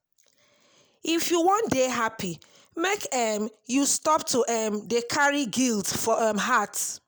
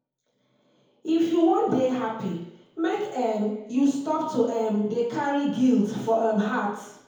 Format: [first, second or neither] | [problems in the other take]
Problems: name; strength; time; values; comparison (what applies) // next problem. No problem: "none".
first | room echo; dies away in 2 s